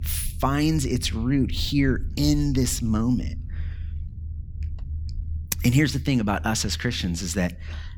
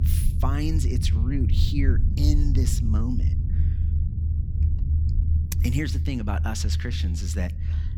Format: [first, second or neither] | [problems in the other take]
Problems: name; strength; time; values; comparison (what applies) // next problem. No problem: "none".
first | low rumble; loud; throughout; 7 dB below the speech; faint in the first